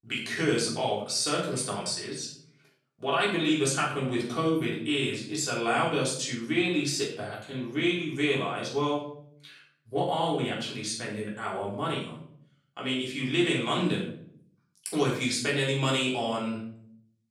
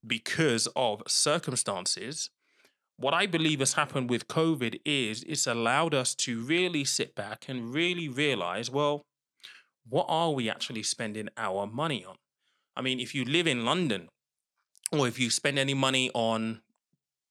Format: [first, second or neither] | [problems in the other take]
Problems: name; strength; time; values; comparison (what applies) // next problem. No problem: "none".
second | off-mic speech; far // room echo; noticeable; dies away in 0.5 s